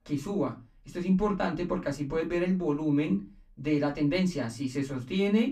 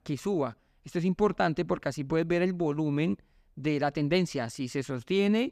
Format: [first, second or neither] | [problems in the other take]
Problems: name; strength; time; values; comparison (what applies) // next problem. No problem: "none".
second | off-mic speech; far // room echo; very slight; dies away in 0.2 s